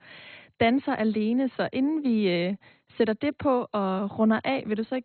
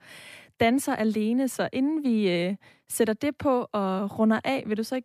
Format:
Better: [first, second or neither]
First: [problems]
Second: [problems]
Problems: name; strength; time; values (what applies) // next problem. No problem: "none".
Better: second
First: garbled, watery; badly; nothing above 4 kHz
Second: none